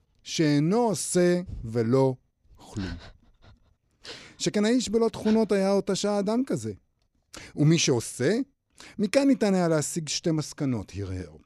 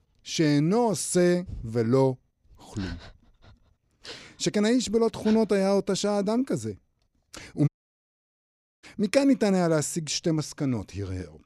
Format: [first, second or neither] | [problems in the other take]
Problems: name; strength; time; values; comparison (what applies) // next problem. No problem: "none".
first | audio cutting out; at 7.5 s for 1 s